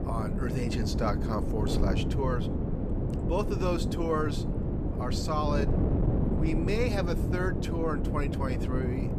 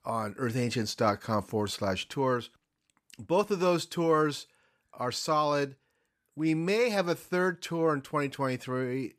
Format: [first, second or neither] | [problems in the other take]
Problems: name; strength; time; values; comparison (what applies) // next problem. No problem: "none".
second | wind noise on the microphone; heavy; 4 dB below the speech